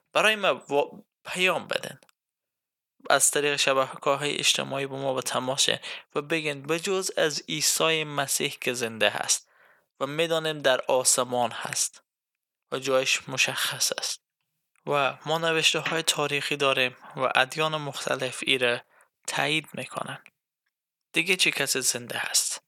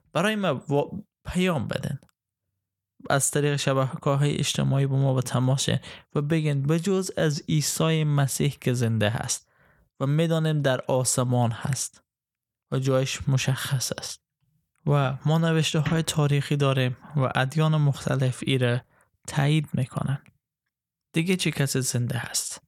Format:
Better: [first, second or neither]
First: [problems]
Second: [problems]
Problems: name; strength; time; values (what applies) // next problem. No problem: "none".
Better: second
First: thin; very; fading below 450 Hz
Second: none